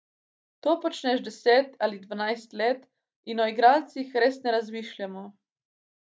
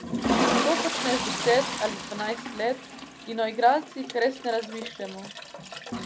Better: first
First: none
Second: background sound (Toilet flush); 2 dB below the speech

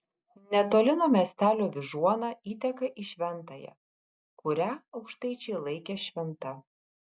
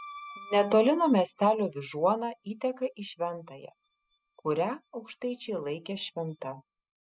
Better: first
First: none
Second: noise reduction (classical method spectral subtraction)

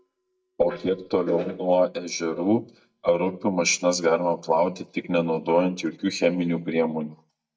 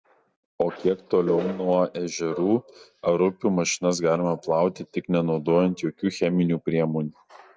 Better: second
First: noise reduction (neural mask model DeepFilterNet 3)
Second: none

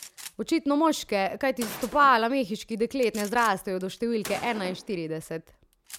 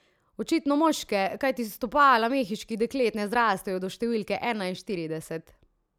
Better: second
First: background sound (Gunshot, gunfire); 17 dB below the speech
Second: none

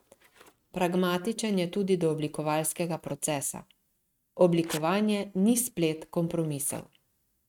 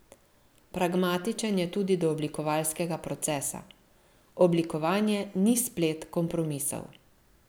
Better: second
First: noise reduction (neural mask model RNNoise)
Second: none

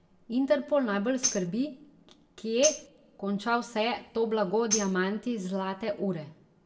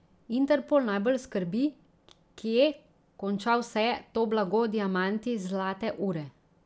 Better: second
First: background sound (Tambourine); 7 dB below the speech // room echo; dies away in 0.5 s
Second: none

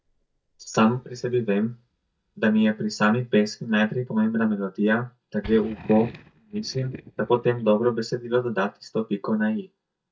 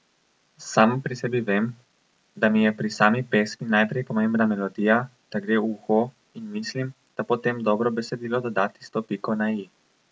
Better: second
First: noise reduction (neural mask model DeepFilterNet 3)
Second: none

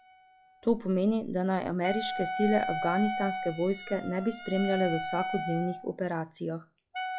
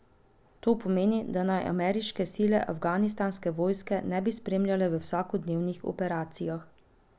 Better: second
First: noise reduction (classical method log-MMSE)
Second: none

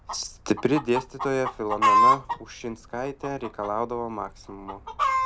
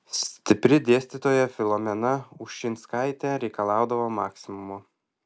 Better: second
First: background sound (Chicken, rooster); 2 dB above the speech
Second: none

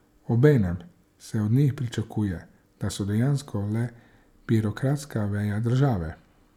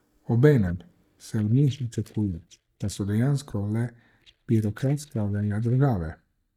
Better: first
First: none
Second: noise reduction (neural mask model DeepFilterNet 3)

